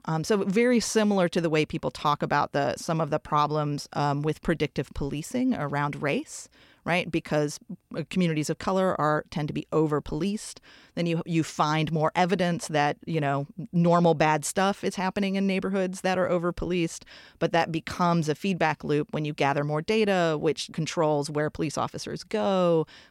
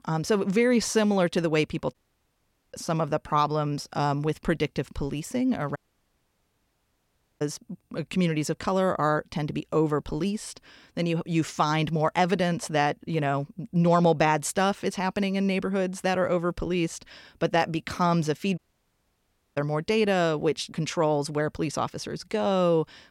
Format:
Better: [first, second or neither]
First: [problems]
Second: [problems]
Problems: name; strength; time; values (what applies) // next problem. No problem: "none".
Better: first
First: none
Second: audio cutting out; at 2 s for 1 s, at 6 s for 1.5 s and at 19 s for 1 s